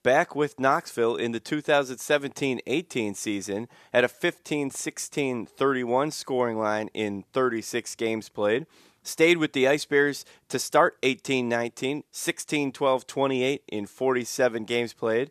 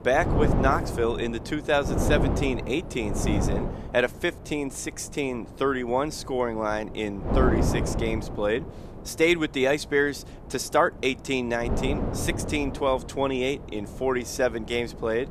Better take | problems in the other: first | wind noise on the microphone; heavy; 8 dB below the speech

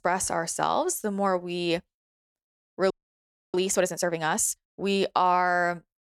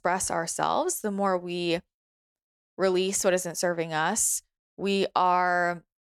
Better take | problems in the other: second | audio freezing; at 3 s for 0.5 s

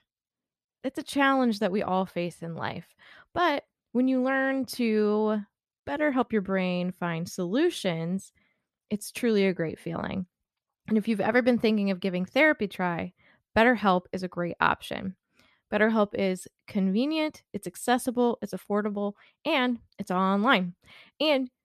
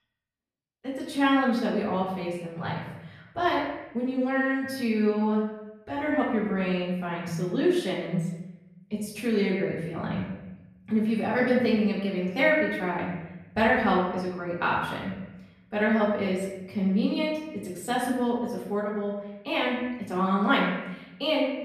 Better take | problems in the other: first | room echo; noticeable; dies away in 1 s // off-mic speech; far

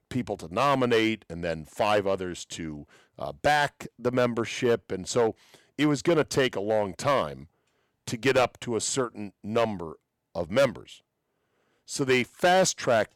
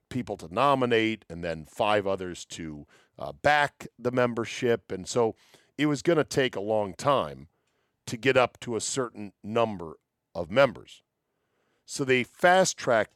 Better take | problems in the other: second | distortion; slight; 3% of the sound clipped

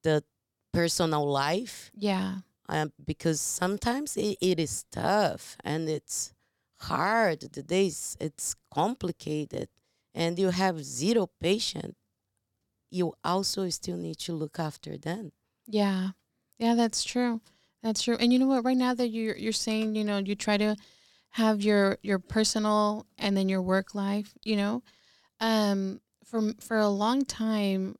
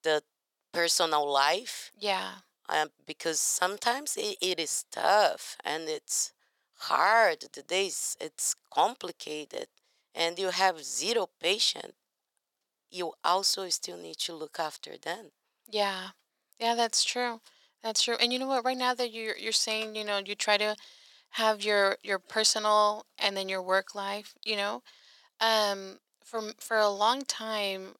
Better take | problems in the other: first | thin; very; fading below 700 Hz

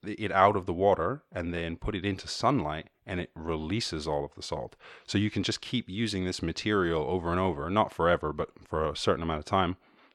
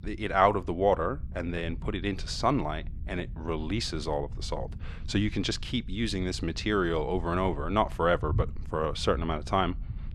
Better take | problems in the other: first | low rumble; faint; throughout; 25 dB below the speech

